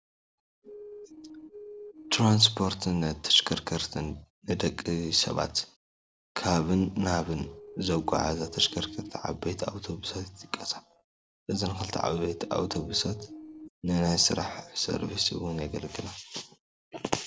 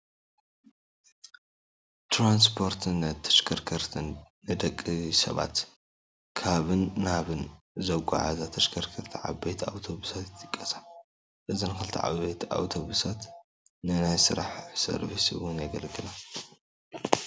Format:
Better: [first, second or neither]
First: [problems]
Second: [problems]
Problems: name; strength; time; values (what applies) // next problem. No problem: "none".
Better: second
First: noise reduction (neural separator model SepFormer DNS4)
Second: none